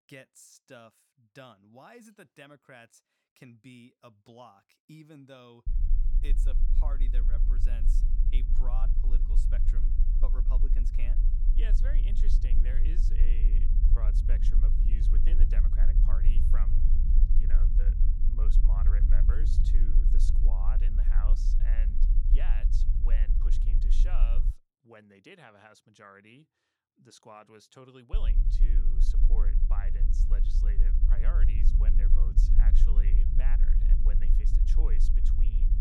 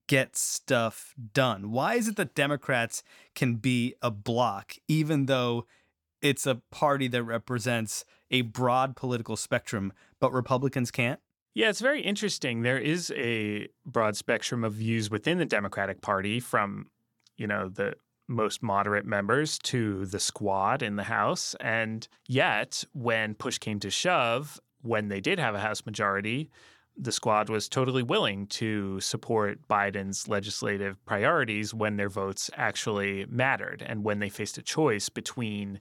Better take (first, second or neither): second